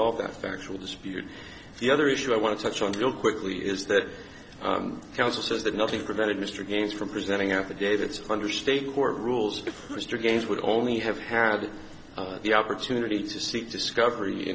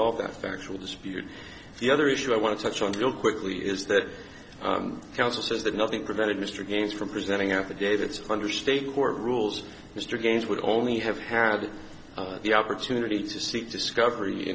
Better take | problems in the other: second | background sound (Cough); 12 dB below the speech

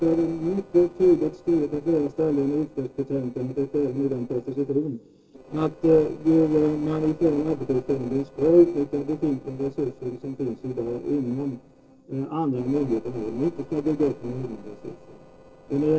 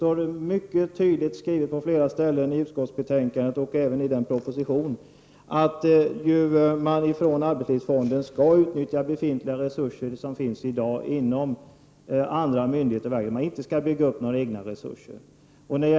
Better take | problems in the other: second | noise reduction (neural separator model SepFormer DNS4)

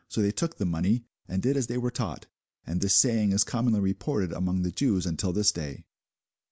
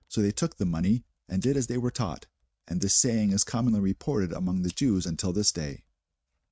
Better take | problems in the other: first | noise reduction (neural mask model RNNoise)

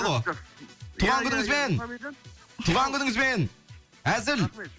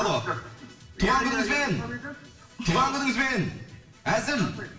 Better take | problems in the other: first | room echo; dies away in 1 s

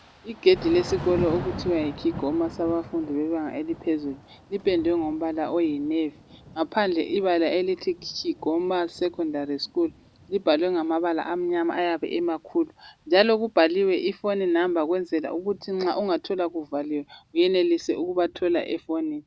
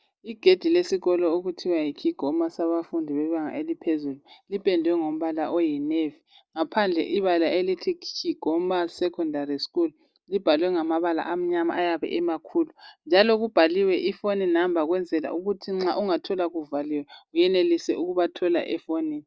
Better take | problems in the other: second | background sound (Thunder / Rain); 17 dB below the speech

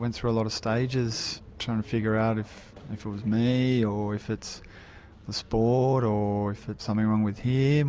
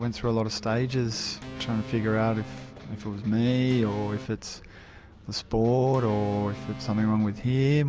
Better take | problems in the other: first | background sound (Organ + Electric guitar); 16 dB below the speech

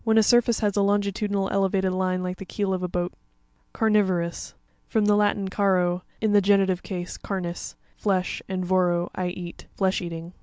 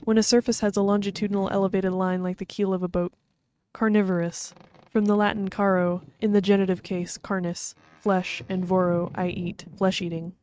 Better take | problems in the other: first | noise reduction (neural mask model RNNoise)

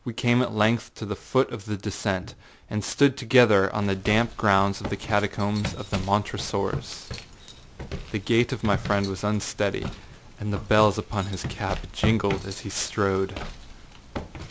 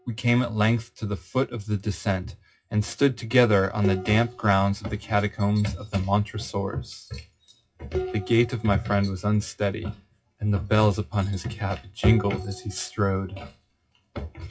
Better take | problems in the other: first | noise reduction (classical method WPE with log-MMSE)

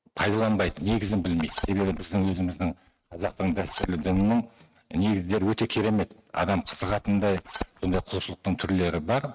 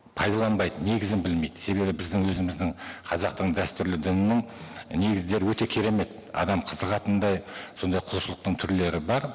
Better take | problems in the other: second | noise reduction (neural mask model RNNoise)

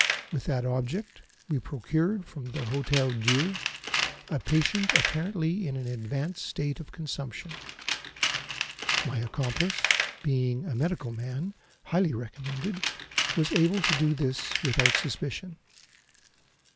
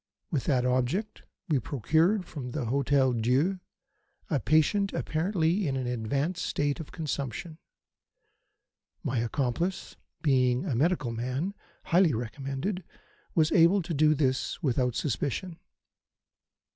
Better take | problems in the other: second | background sound (Tools); 3 dB below the speech

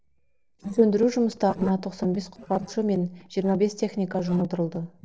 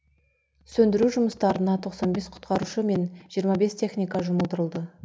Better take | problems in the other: second | noise reduction (neural separator model SepFormer DNS4)

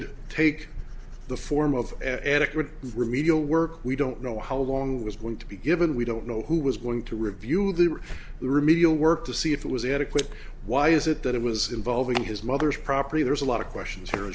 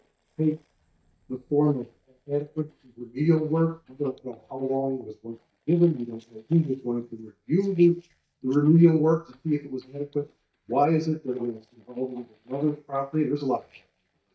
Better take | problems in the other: first | noise reduction (neural mask model DeepFilterNet 3)

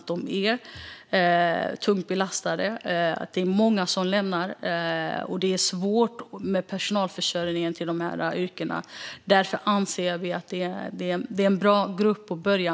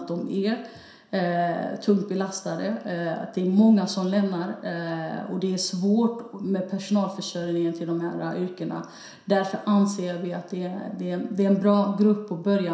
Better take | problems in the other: first | room echo; dies away in 0.7 s

